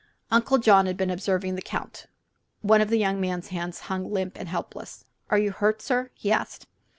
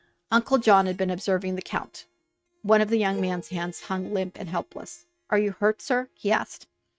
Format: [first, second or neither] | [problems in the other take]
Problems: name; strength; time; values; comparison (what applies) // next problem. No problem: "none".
first | noise reduction (neural mask model RNNoise)